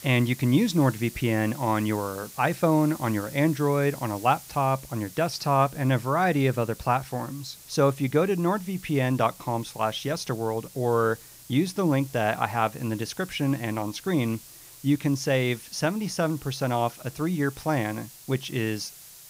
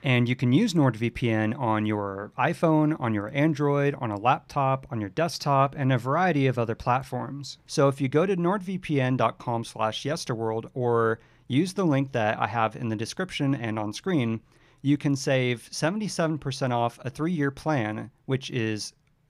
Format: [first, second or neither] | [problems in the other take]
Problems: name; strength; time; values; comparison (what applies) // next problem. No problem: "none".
second | hiss; noticeable; throughout; 20 dB below the speech